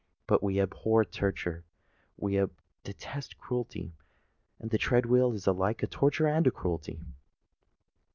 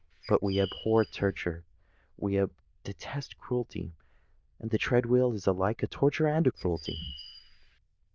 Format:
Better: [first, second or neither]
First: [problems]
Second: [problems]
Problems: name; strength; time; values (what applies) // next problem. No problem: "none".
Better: first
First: none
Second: noise reduction (neural diffusion model UNIVERSE++)